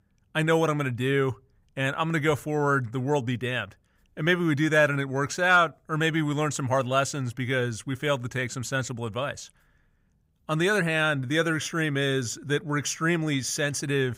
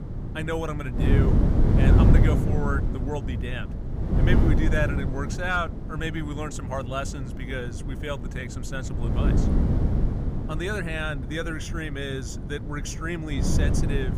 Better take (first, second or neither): first